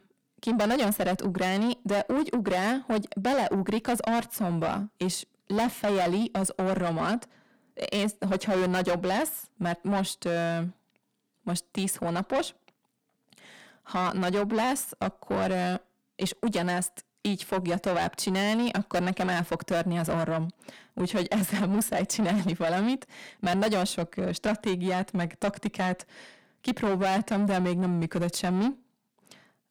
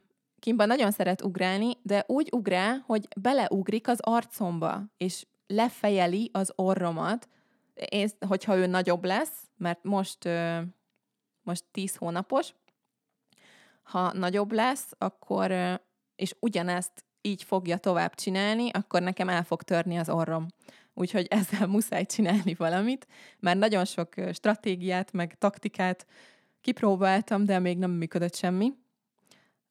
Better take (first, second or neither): second